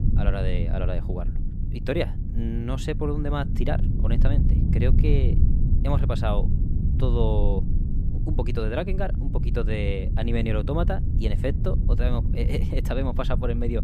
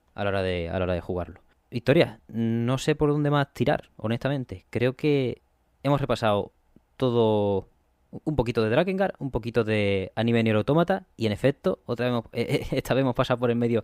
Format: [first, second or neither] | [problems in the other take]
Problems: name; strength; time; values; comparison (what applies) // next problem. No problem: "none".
second | low rumble; loud; throughout; 8 dB below the speech